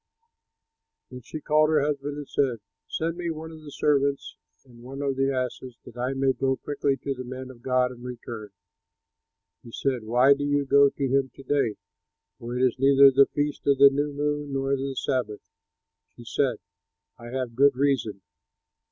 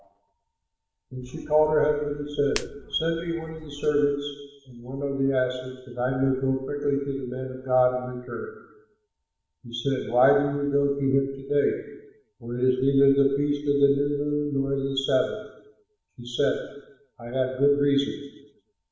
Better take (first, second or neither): first